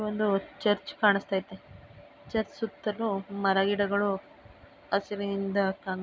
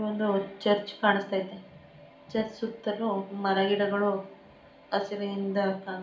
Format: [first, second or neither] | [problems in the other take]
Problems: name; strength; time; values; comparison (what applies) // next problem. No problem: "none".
first | room echo; dies away in 0.4 s